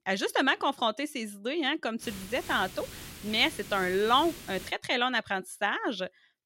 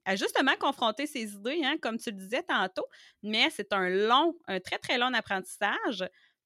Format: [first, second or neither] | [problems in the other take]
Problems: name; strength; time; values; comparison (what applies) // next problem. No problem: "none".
second | hiss; noticeable; from 2 to 4.5 s; 15 dB below the speech